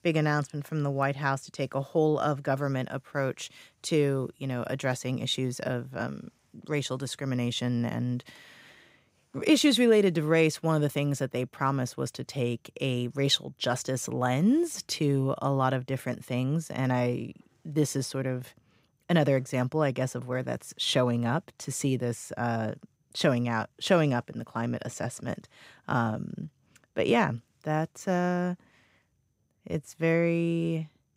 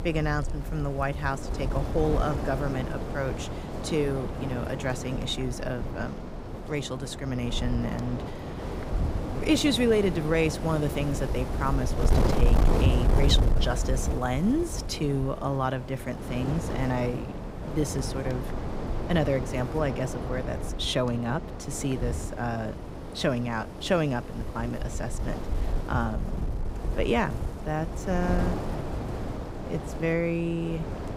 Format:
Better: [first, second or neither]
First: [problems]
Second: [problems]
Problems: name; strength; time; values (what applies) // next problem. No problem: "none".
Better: first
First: none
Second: wind noise on the microphone; heavy; 6 dB below the speech